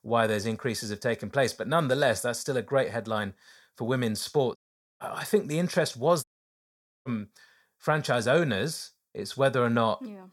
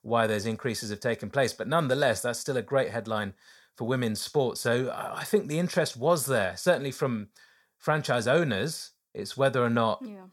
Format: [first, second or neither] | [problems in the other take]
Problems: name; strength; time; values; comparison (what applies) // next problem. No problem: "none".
second | audio cutting out; at 4.5 s and at 6 s for 1 s